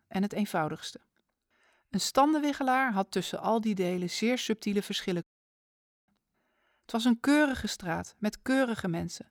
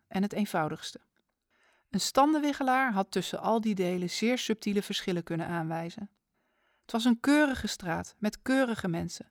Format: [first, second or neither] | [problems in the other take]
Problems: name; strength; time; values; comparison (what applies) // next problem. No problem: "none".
second | audio cutting out; at 5 s for 1 s